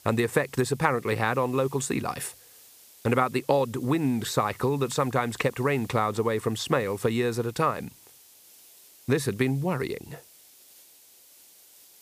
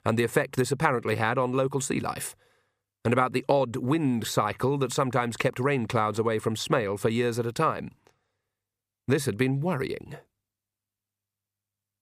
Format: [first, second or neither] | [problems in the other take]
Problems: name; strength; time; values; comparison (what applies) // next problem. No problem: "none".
second | hiss; faint; throughout; 25 dB below the speech